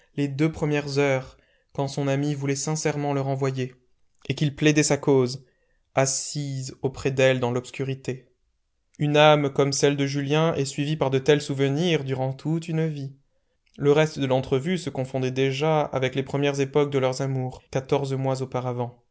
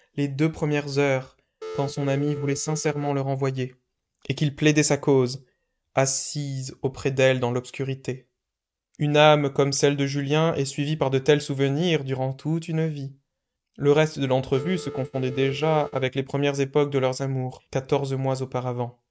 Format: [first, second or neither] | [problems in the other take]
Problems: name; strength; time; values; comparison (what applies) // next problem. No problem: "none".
first | noise reduction (neural mask model RNNoise)